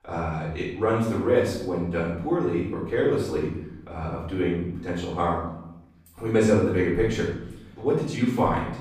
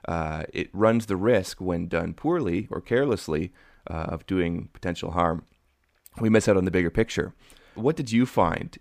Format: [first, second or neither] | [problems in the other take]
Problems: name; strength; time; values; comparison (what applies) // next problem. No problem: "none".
second | off-mic speech; far // room echo; noticeable; dies away in 0.7 s